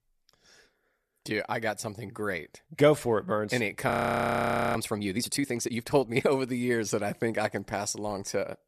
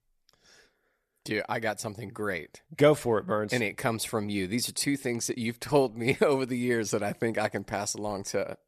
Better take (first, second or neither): second